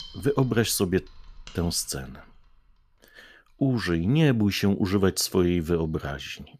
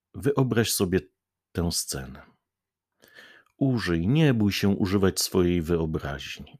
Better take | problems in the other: second | machinery noise; faint; throughout; 30 dB below the speech

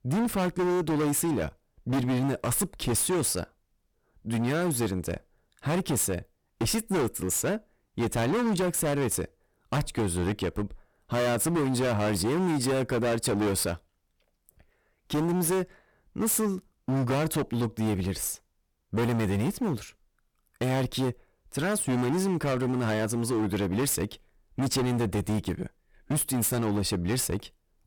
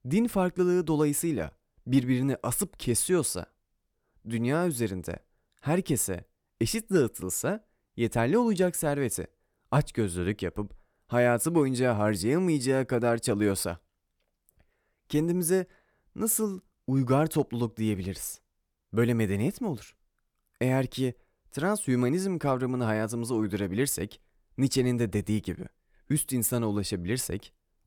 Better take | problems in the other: second | distortion; heavy; 22% of the sound clipped

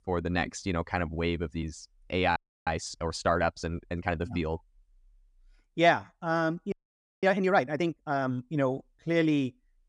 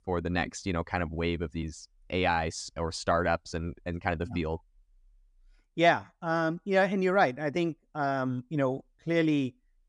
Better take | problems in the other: second | audio freezing; at 2.5 s and at 6.5 s for 0.5 s

